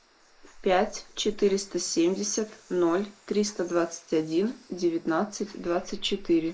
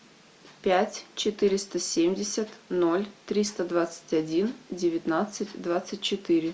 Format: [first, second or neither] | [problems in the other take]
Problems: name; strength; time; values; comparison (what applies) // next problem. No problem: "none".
second | noise reduction (neural mask model Resemble Enhance denoiser)